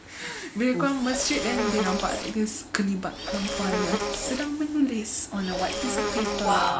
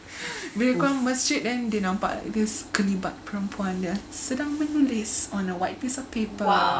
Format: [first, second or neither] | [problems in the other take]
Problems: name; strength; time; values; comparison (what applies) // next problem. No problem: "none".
second | background sound (Insect); 3 dB below the speech